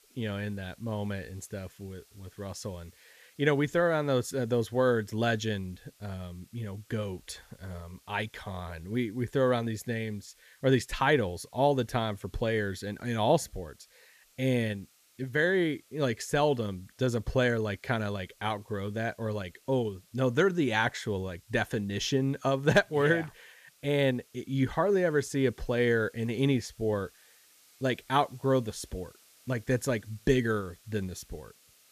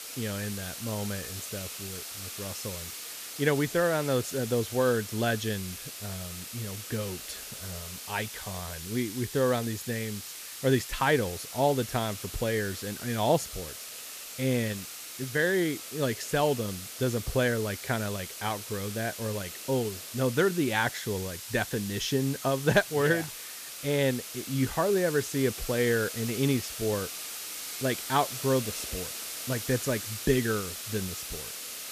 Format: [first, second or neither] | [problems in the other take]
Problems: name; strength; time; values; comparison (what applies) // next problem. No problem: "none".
first | hiss; loud; throughout; 8 dB below the speech; faint in the first